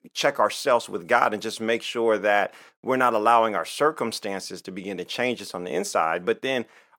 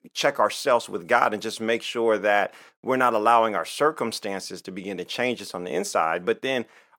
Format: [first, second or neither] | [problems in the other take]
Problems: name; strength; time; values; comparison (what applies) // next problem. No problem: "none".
neither | none